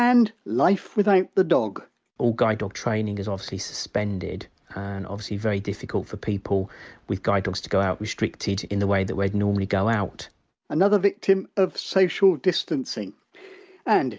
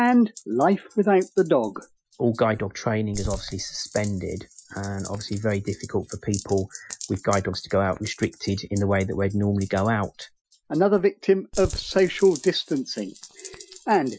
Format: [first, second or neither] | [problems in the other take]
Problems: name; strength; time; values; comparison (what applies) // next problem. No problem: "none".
first | noise reduction (classical method Wiener filter)